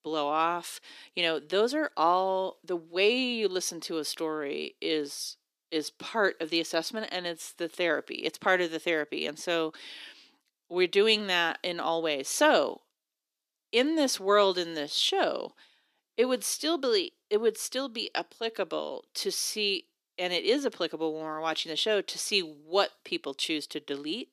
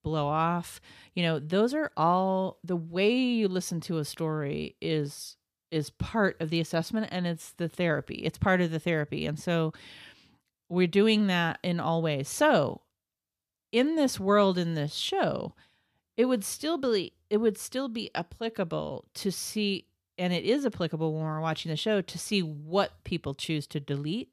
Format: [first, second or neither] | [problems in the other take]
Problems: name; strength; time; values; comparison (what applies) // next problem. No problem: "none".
second | thin; somewhat; fading below 300 Hz